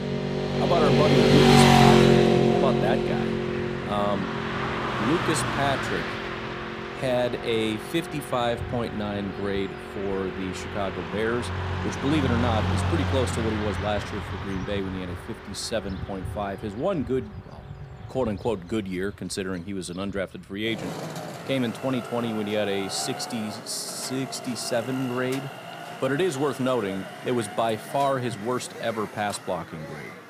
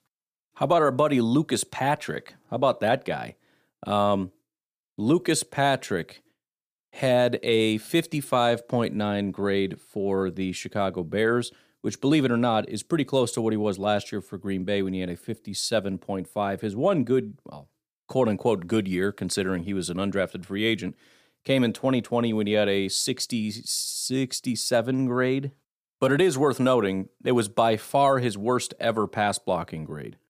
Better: second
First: traffic noise; very loud; throughout; 3 dB above the speech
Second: none

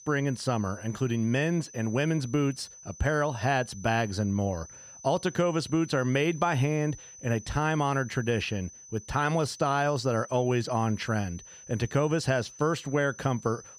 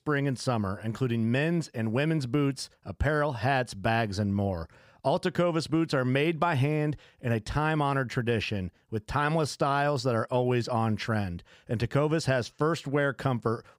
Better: second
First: high-pitched whine; noticeable; throughout; 6 kHz, 20 dB below the speech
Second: none

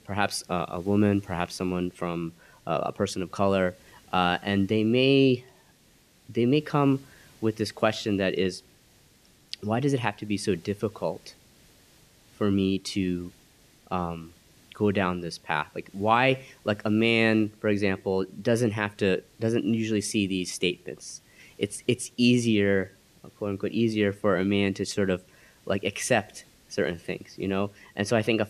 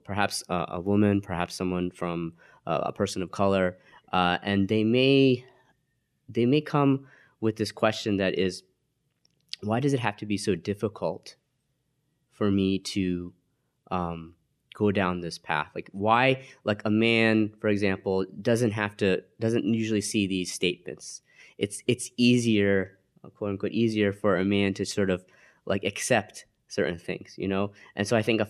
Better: second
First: hiss; faint; throughout; 30 dB below the speech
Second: none

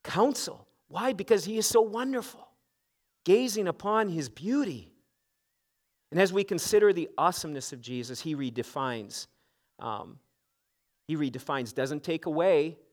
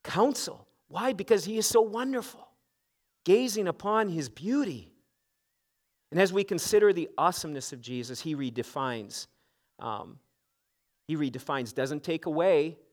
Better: neither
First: none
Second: none

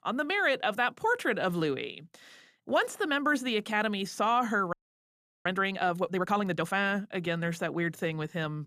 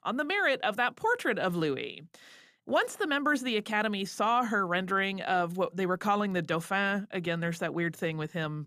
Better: second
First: audio freezing; at 4.5 s for 0.5 s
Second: none

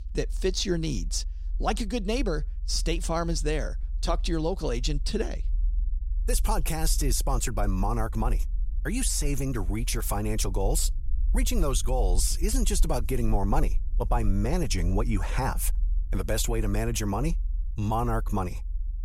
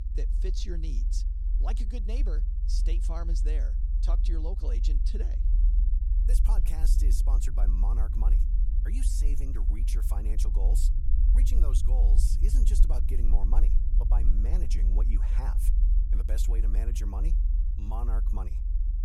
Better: first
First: low rumble; faint; throughout; 25 dB below the speech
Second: low rumble; loud; throughout; 5 dB below the speech

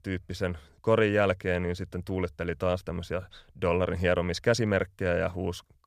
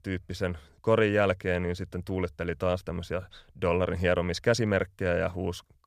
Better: neither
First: none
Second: none

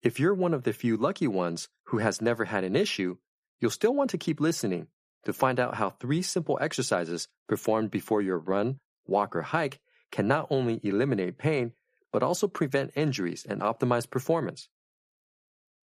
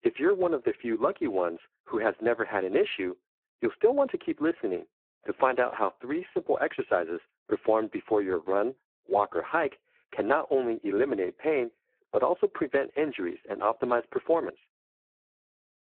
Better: first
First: none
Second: phone-call audio; poor line

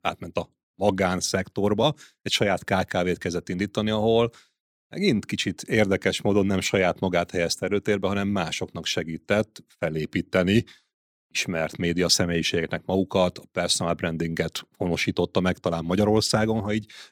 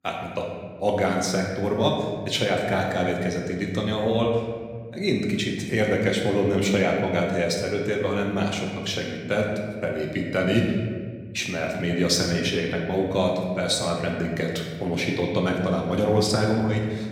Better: first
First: none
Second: room echo; noticeable; dies away in 1.6 s // off-mic speech; somewhat distant

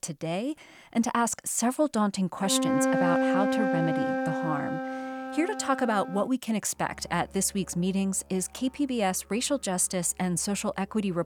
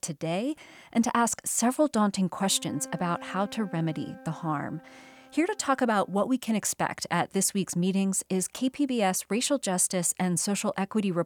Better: second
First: background music; loud; throughout; as loud as the speech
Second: background music; faint; throughout; 20 dB below the speech

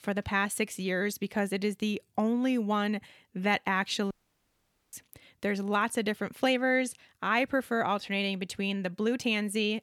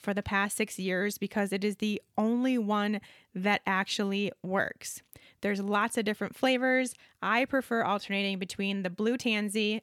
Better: second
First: audio cutting out; at 4 s for 1 s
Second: none

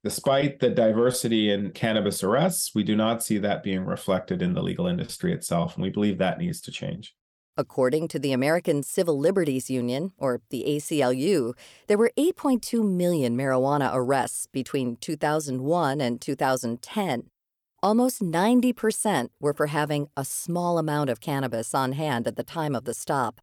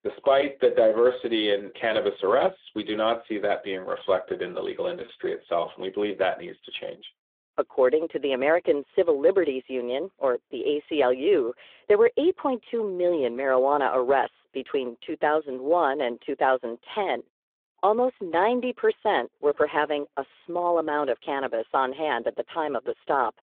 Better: first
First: none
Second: phone-call audio; nothing above 3.5 kHz

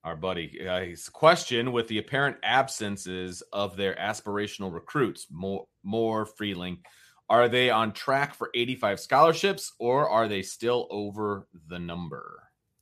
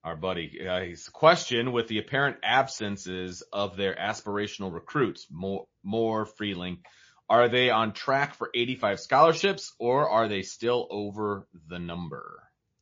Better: first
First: none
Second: garbled, watery; slightly

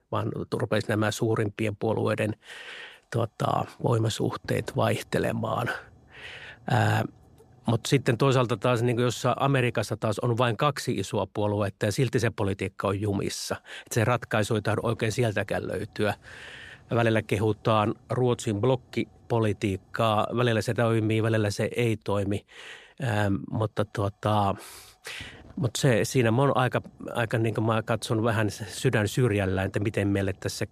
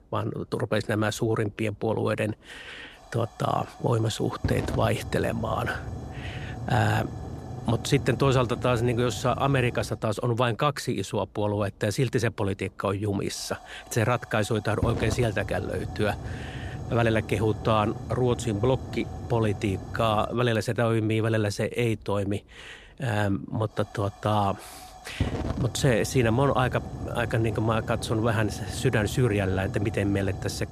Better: first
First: hiss; faint; throughout; 30 dB below the speech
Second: hiss; loud; throughout; 10 dB below the speech

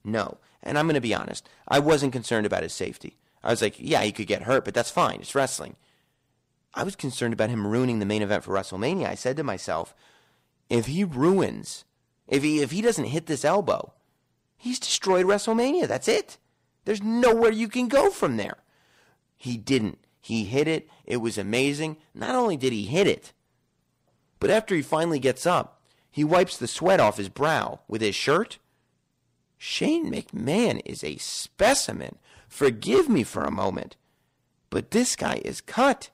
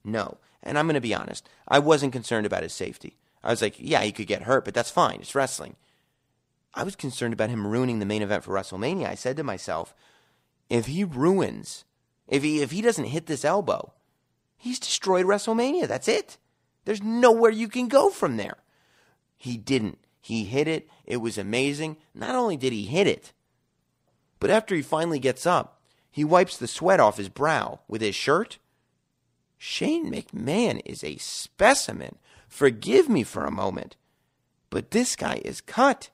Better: second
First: distortion; slight; 2% of the sound clipped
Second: none

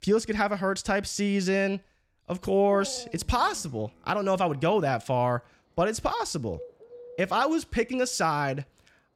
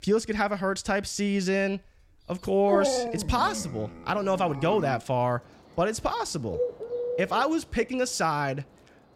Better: first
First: animal sounds; faint; throughout; 20 dB below the speech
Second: animal sounds; loud; throughout; 6 dB below the speech

